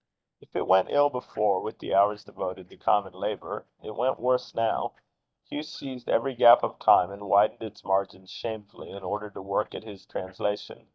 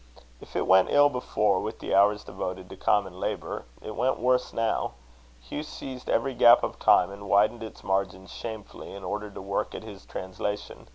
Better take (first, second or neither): second